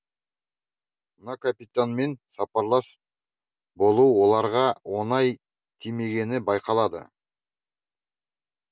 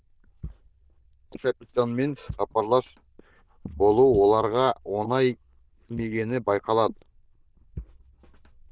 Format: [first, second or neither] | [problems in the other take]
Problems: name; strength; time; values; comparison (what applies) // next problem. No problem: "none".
first | noise reduction (neural diffusion model UNIVERSE++)